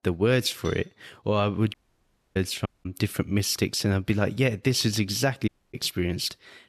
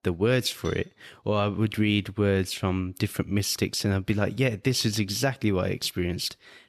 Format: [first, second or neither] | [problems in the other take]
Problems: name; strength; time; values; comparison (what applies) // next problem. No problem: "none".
second | audio cutting out; at 1.5 s for 0.5 s, at 2.5 s and at 5.5 s